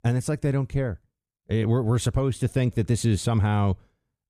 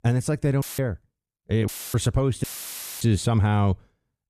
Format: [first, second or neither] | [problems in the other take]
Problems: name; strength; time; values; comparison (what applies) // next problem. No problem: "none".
first | audio cutting out; filled with static; at 0.5 s, at 1.5 s and at 2.5 s for 0.5 s